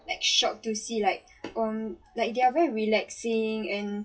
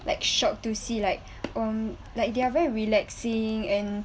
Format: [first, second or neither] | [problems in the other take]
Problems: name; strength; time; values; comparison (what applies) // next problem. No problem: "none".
second | noise reduction (classical method WPE with log-MMSE)